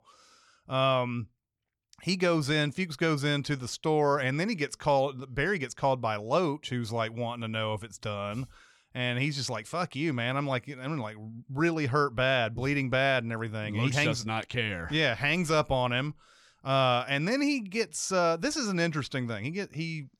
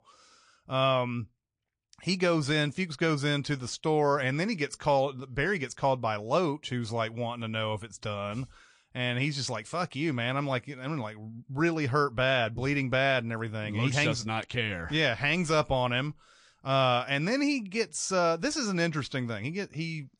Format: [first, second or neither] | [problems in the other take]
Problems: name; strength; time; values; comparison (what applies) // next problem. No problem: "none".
first | garbled, watery; slightly; nothing above 9 kHz